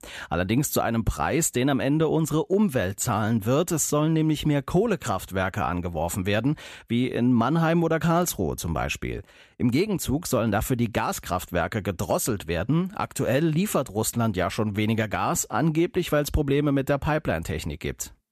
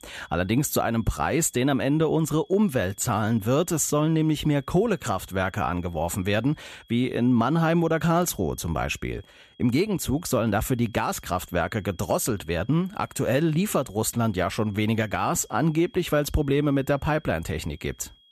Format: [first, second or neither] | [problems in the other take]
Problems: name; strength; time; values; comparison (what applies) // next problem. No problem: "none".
first | high-pitched whine; faint; throughout; 3.5 kHz, 30 dB below the speech